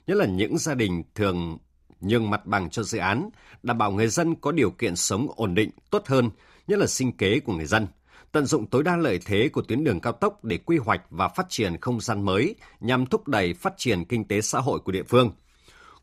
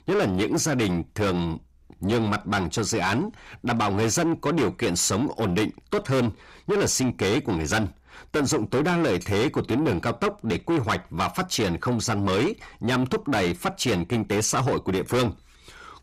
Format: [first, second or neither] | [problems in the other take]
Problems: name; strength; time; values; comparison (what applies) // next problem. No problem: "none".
first | distortion; heavy; 7 dB below the speech